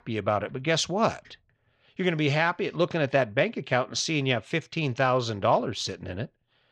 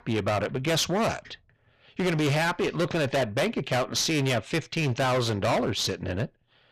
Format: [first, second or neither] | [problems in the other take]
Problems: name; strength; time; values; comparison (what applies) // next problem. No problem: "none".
first | distortion; heavy; 22% of the sound clipped